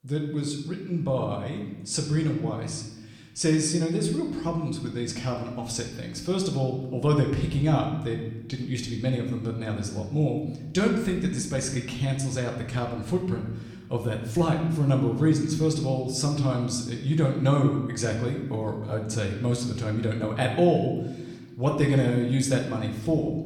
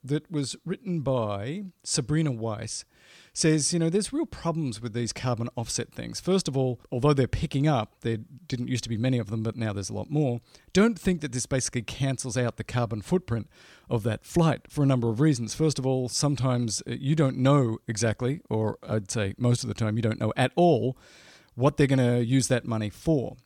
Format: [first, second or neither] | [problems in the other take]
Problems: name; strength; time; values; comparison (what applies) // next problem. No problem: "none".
second | room echo; slight; dies away in 1 s // off-mic speech; somewhat distant